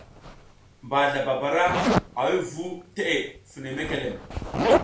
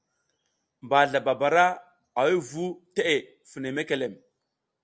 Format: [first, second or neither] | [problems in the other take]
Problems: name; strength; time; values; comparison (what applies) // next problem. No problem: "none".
second | background sound (Zipper (clothing)); 1 dB below the speech // room echo; dies away in 0.3 s